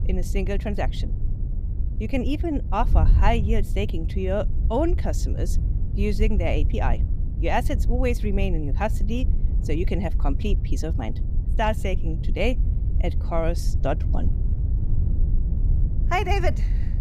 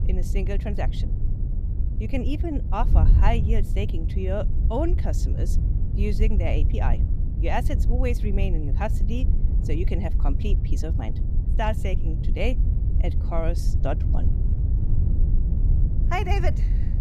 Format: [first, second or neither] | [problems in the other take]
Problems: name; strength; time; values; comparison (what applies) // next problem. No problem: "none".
first | wind noise on the microphone; heavy; 9 dB below the speech; occasional gusts in the first